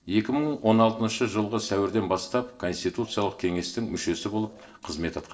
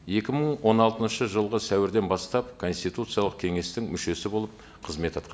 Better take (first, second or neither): second